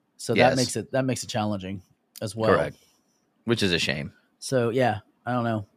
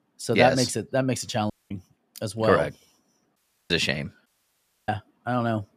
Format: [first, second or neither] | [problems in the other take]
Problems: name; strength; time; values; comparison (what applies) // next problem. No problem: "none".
first | audio cutting out; at 1.5 s, at 3.5 s and at 4.5 s for 0.5 s